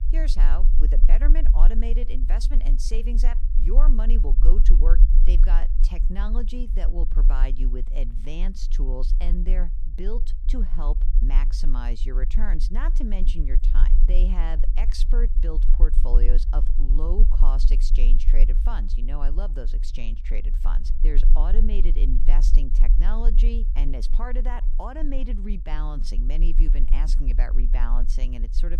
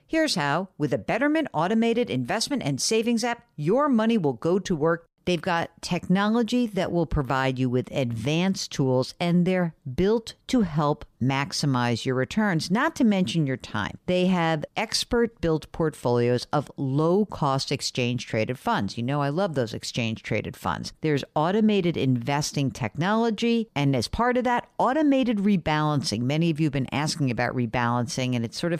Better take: second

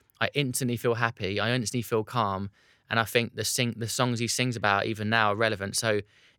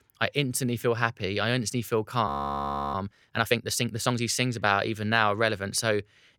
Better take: first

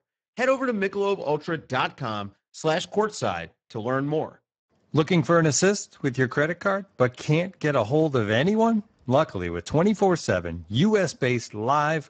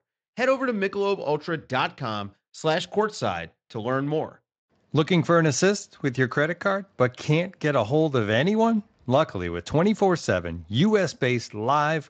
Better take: second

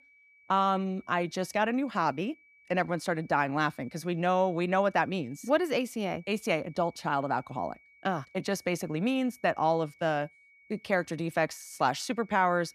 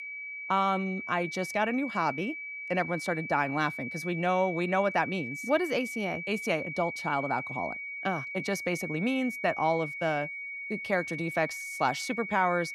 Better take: first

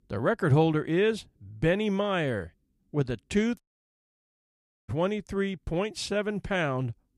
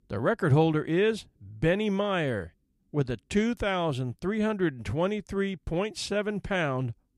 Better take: second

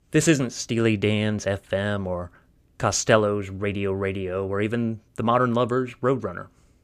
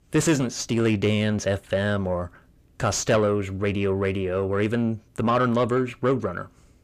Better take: first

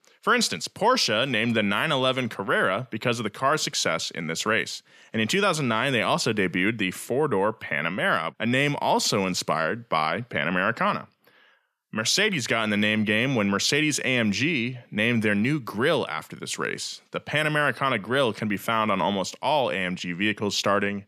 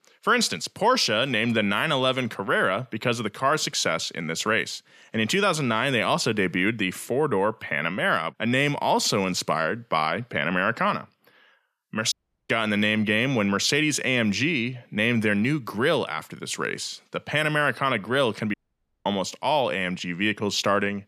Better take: first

